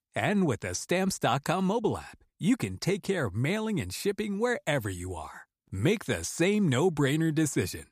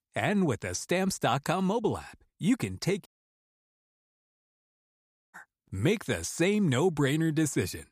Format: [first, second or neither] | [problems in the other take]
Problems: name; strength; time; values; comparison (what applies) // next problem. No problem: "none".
first | audio cutting out; at 3 s for 2.5 s